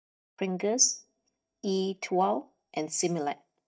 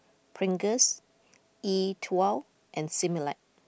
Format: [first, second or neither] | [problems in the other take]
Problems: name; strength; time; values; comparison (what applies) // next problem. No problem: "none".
second | noise reduction (neural mask model DeepFilterNet 3)